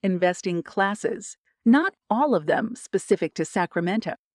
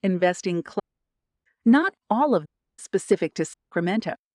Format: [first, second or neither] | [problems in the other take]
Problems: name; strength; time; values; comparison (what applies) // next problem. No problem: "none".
first | audio cutting out; at 1 s for 0.5 s, at 2.5 s and at 3.5 s